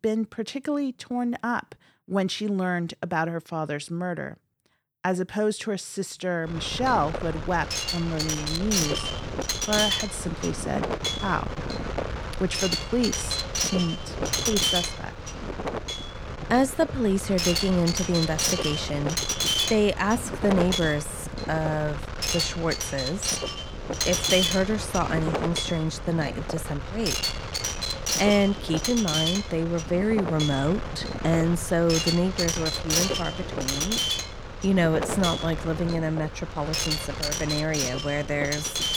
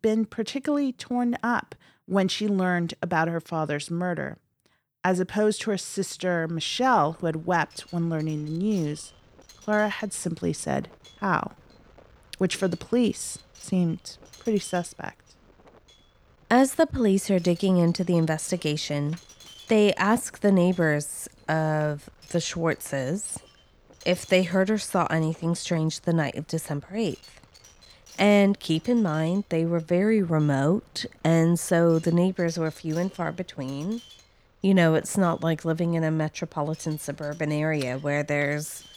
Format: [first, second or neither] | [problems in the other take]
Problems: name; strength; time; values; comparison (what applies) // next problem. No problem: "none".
second | wind noise on the microphone; heavy; from 6.5 s on; 1 dB above the speech; occasional gusts in the second